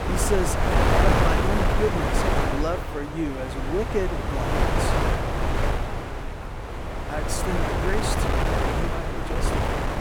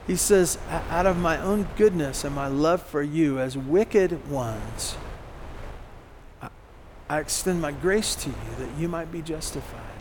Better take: second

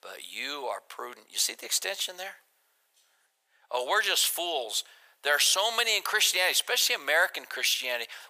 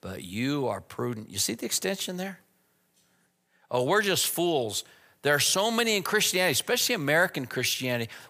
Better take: second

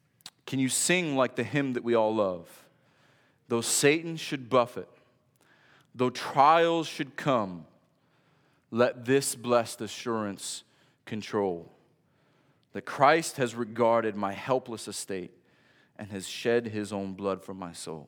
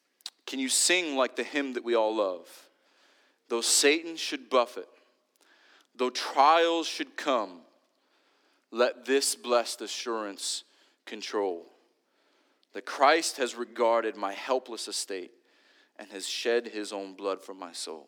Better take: first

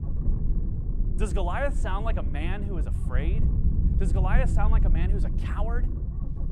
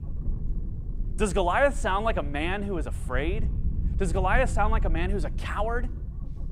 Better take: second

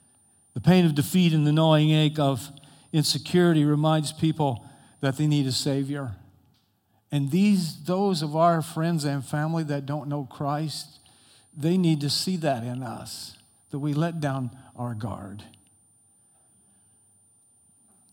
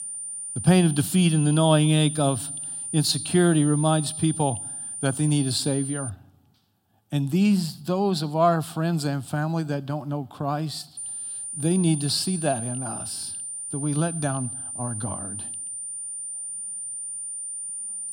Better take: first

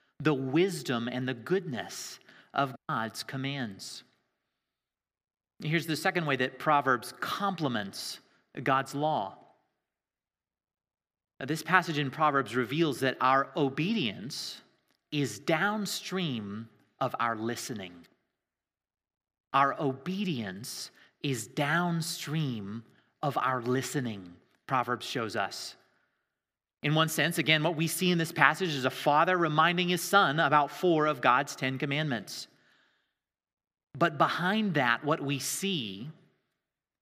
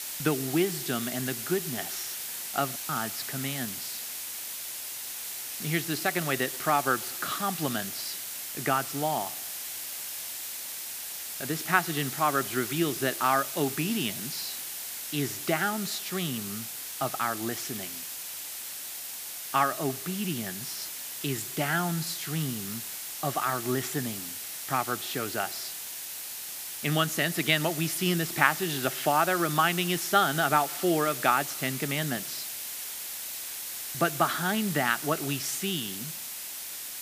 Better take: first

